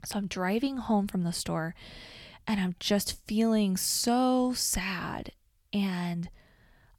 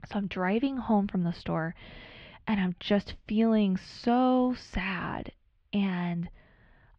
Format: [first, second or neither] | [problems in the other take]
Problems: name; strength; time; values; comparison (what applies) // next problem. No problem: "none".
first | muffled; very; fading above 3 kHz